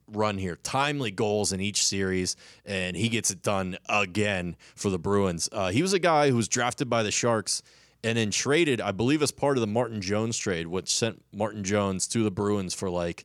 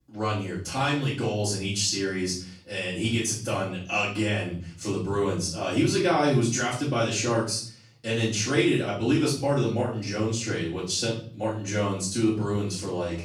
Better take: first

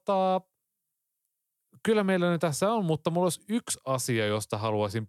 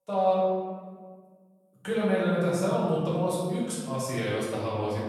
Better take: first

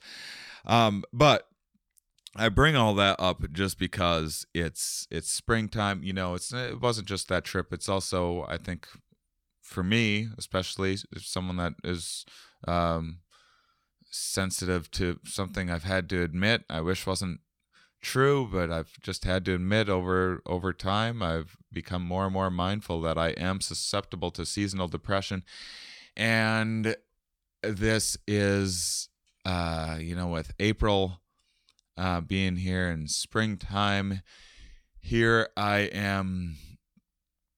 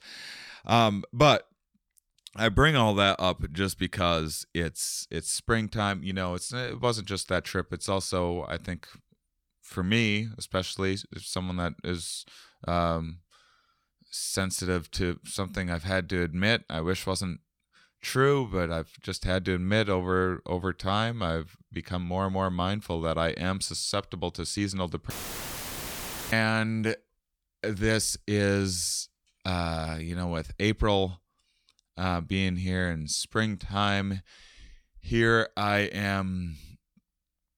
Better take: first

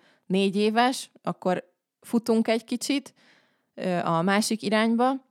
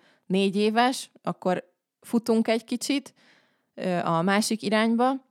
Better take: neither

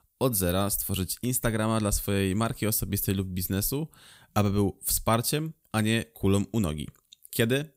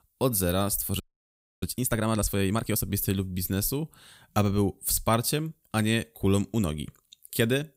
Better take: first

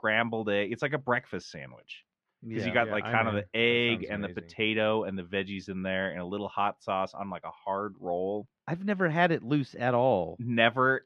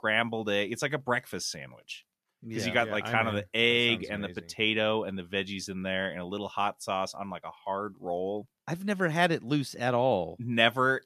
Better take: second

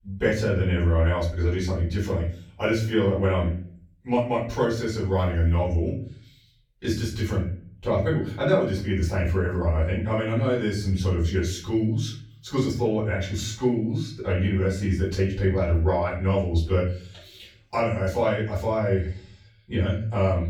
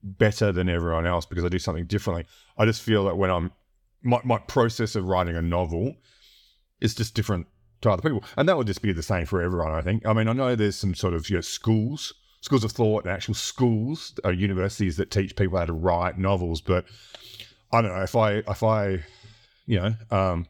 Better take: second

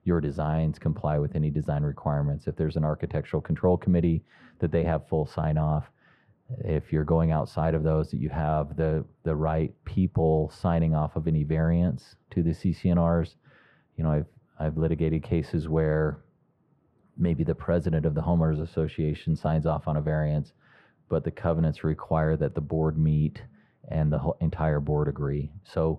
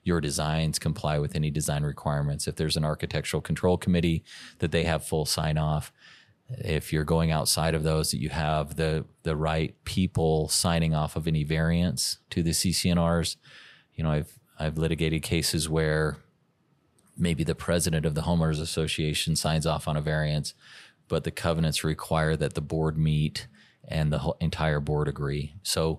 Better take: second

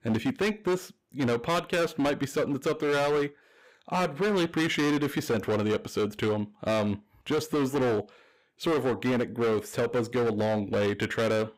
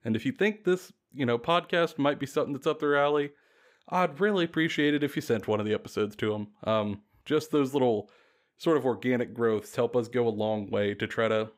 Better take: second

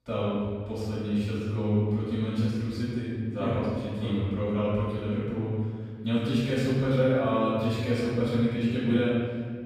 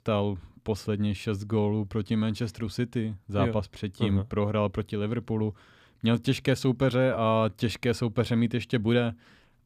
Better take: second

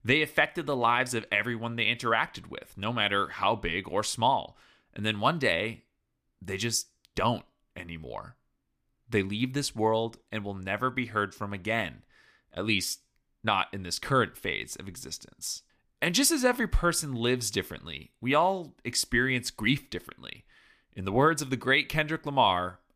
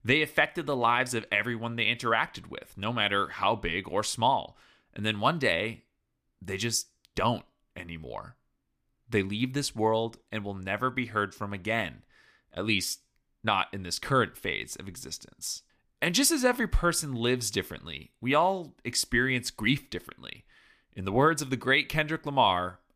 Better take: neither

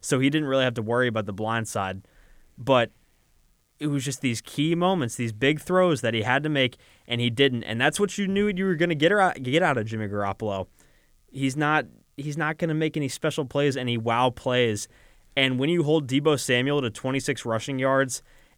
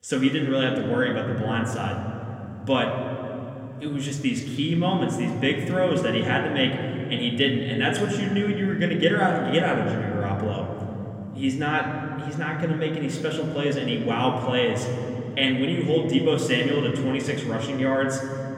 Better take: first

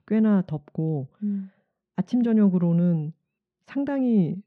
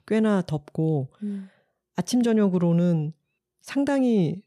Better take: second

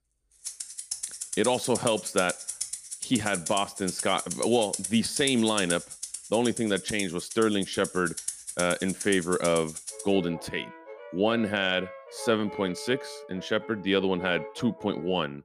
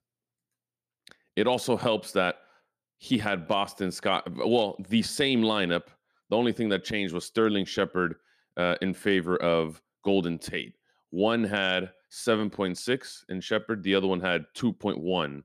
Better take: second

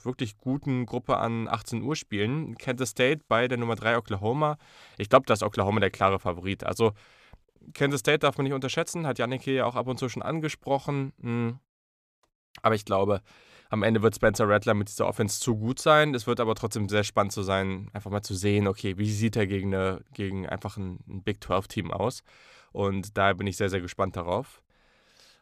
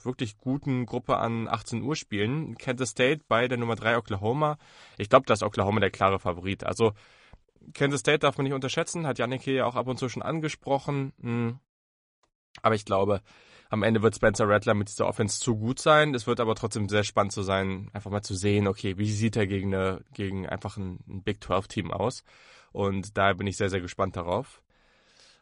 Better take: first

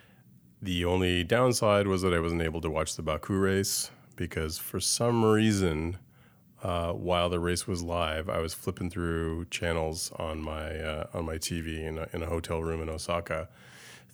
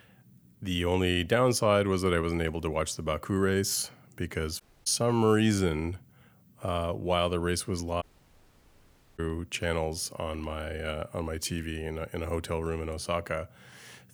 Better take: first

